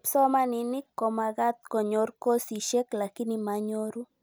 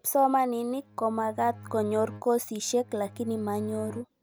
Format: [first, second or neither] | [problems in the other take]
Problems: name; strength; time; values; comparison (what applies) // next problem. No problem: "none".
first | background sound (Bowed string instrument); 17 dB below the speech